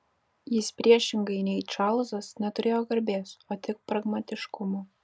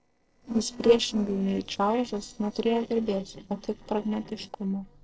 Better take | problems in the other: first | noise reduction (neural separator model SepFormer DNS4)

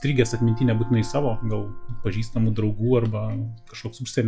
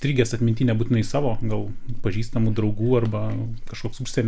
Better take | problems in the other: second | noise reduction (classical method log-MMSE)

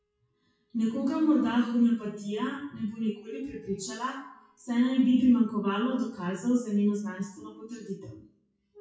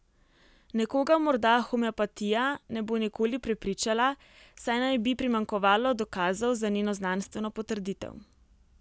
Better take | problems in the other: second | noise reduction (classical method WPE with log-MMSE)

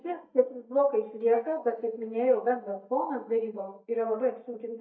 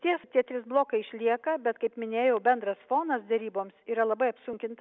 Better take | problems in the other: second | noise reduction (neural mask model DeepFilterNet 3)

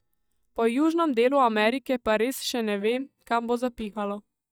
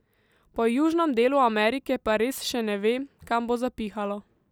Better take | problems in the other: second | noise reduction (neural mask model DeepFilterNet 3)

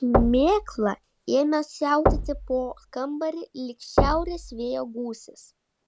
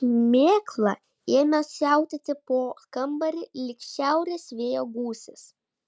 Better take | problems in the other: second | background sound (Knock / Wood / Percussion); 3 dB below the speech

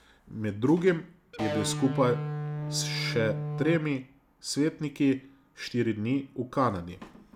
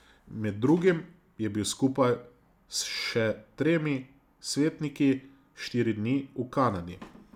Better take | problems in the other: second | background sound (Electric guitar); 3 dB below the speech

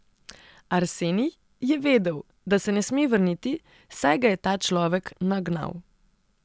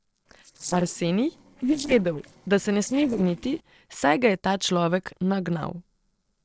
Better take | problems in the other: first | noise reduction (neural separator model SepFormer DNS4)

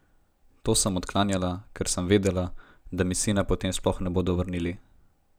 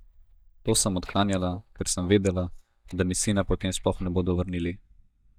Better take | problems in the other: first | noise reduction (neural mask model DeepFilterNet 3)

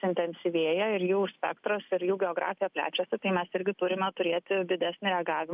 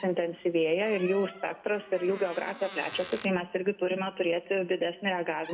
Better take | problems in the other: first | background sound (Door); 18 dB below the speech // room echo; dies away in 1 s

